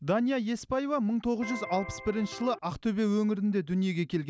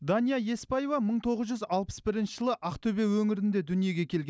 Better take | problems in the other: second | background sound (Electric guitar); 12 dB below the speech

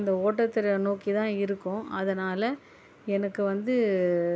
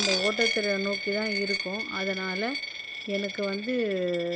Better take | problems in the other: first | background sound (Coin (dropping)); 2 dB below the speech

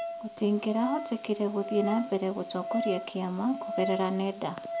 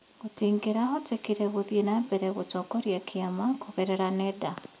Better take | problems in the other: second | background sound (Wind instrument, woodwind instrument); 7 dB below the speech

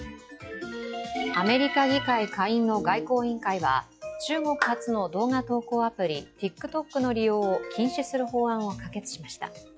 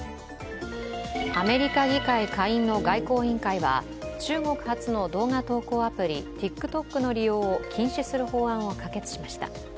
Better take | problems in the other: second | noise reduction (classical method log-MMSE)

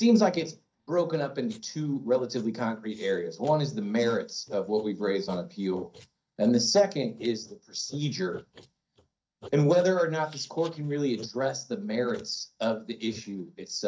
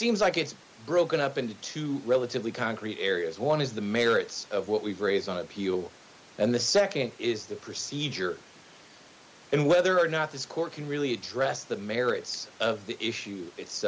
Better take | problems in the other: second | noise reduction (neural mask model DeepFilterNet 3)

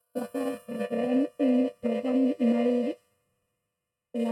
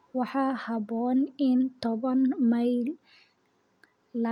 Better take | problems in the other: second | noise reduction (neural mask model RNNoise)

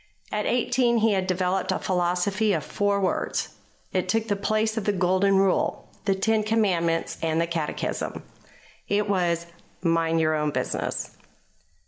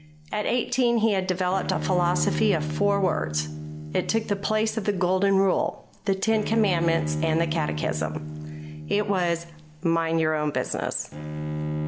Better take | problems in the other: first | background sound (Bowed string instrument); 7 dB below the speech

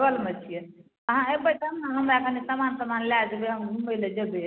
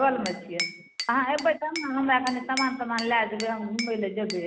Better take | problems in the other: first | background sound (Glass / Bell); 11 dB below the speech

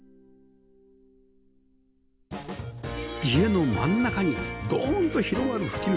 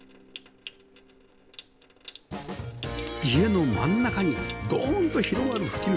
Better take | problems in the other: first | background sound (Trickle, dribble / Sink (filling or washing) / Water tap, faucet); 20 dB below the speech

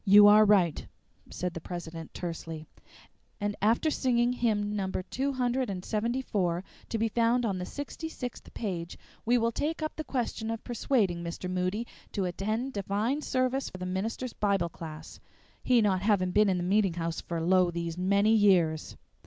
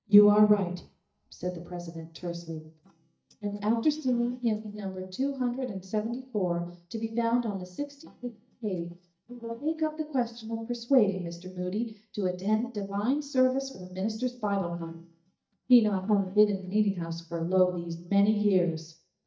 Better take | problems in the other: first | noise reduction (neural mask model DeepFilterNet 3)

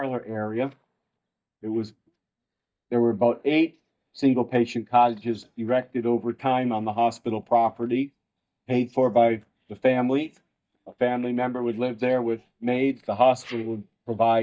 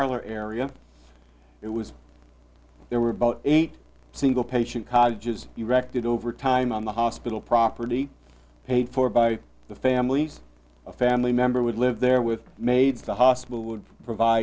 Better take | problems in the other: second | noise reduction (neural mask model DeepFilterNet 3)

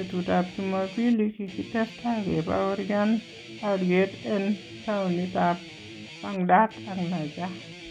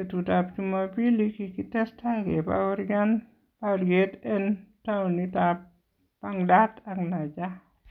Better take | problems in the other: second | background sound (Guitar); 16 dB below the speech

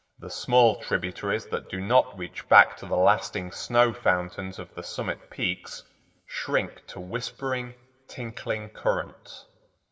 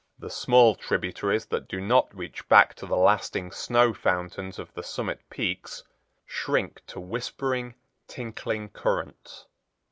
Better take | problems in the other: second | room echo; dies away in 0.7 s

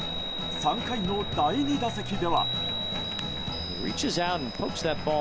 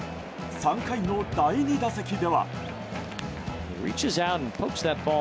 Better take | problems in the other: second | background sound (Chime); 5 dB below the speech

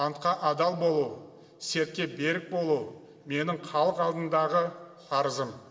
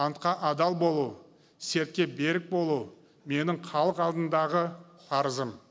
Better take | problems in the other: second | room echo; dies away in 2.1 s

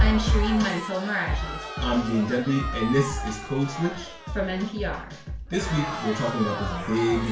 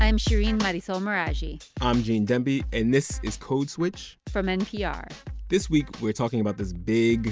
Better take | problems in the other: second | background sound (Crowd); 10 dB below the speech // room echo; dies away in 0.4 s

